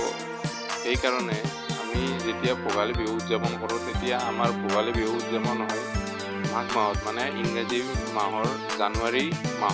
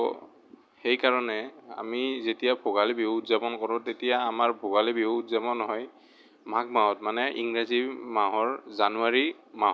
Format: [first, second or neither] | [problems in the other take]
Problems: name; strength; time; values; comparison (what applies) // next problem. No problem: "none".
second | background sound (Organ); 1 dB below the speech